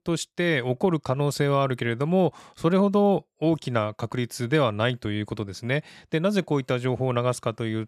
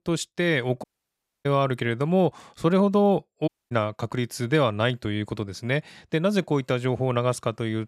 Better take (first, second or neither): first